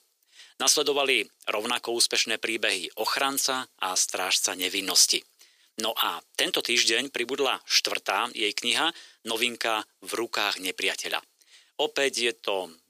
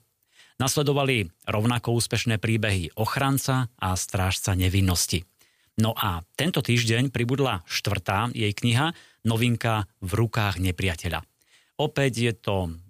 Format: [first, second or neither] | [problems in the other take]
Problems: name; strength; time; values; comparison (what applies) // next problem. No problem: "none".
second | thin; very; fading below 350 Hz